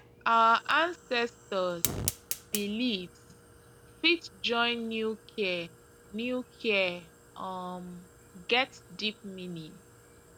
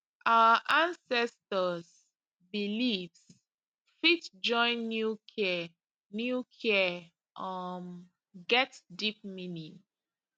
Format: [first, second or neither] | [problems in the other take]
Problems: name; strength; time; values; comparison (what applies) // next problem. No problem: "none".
second | background sound (Fire); 12 dB below the speech